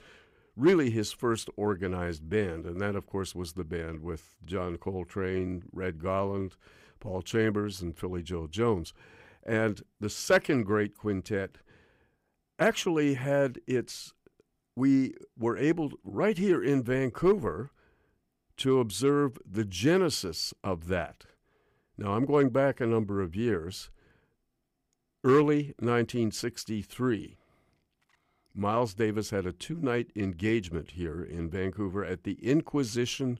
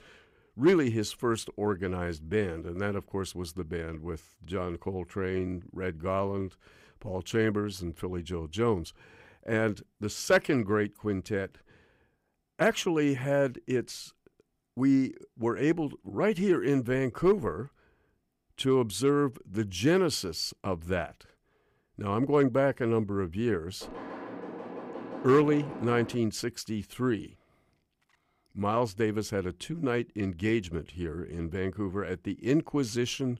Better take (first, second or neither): first